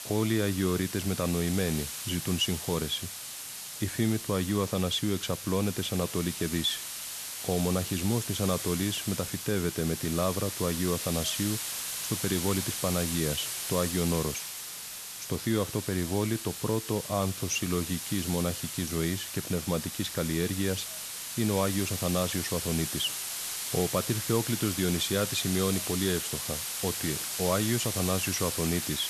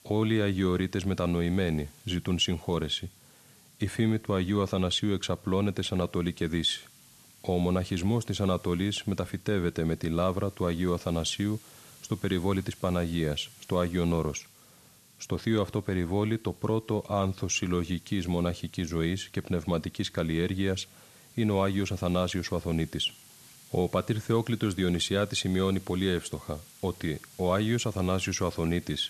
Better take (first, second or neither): second